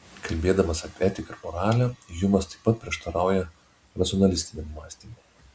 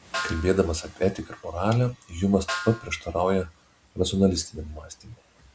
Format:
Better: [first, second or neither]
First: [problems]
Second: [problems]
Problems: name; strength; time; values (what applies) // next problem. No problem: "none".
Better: first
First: none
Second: background sound (Snare drum); 12 dB below the speech